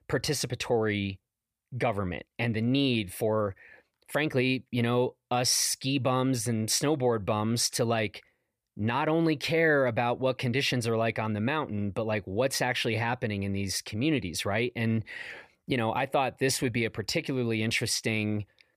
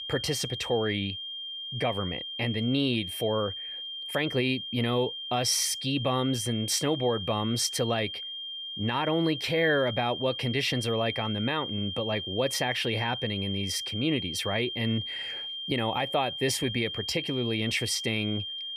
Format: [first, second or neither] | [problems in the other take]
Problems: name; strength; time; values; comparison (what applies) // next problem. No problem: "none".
first | high-pitched whine; loud; throughout; 3 kHz, 5 dB below the speech